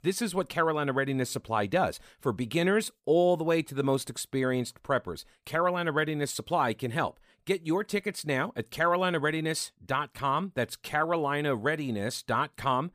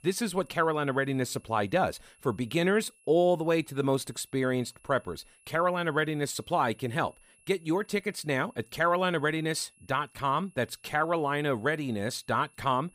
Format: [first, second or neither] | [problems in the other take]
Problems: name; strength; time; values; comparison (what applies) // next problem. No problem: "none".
first | high-pitched whine; faint; throughout; 2.5 kHz, 30 dB below the speech